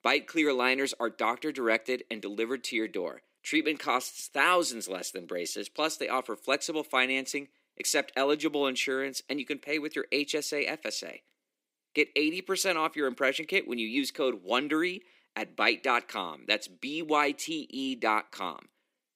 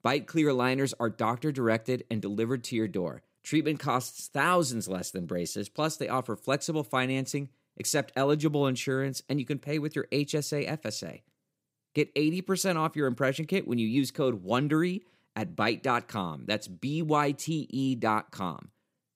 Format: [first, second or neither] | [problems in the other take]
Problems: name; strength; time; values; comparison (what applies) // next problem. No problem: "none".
second | thin; very slightly; fading below 300 Hz